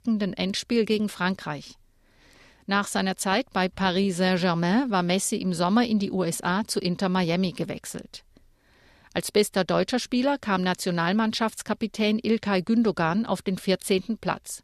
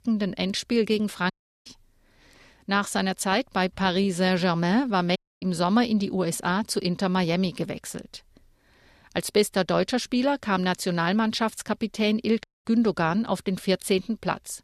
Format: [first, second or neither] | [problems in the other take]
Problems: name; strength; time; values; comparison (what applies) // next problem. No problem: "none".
first | audio cutting out; at 1.5 s, at 5 s and at 12 s